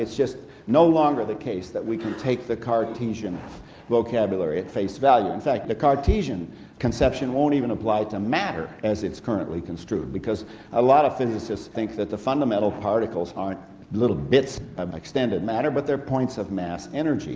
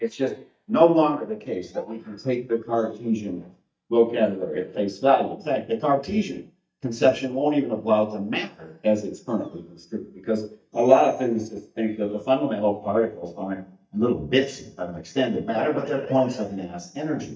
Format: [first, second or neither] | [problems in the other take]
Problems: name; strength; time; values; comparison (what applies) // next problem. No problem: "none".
first | noise reduction (neural mask model DeepFilterNet 3)